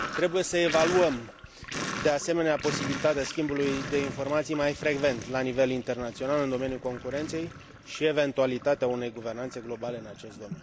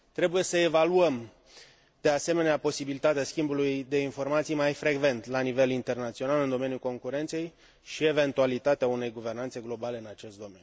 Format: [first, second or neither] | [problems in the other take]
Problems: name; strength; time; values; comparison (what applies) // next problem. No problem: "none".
second | background sound (Sink (filling or washing)); 10 dB below the speech